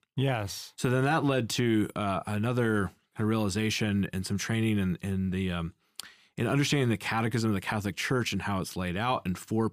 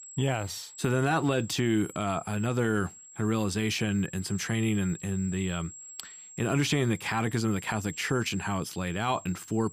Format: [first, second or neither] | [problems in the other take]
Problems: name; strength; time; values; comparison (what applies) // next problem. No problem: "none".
first | high-pitched whine; noticeable; throughout; 7.5 kHz, 15 dB below the speech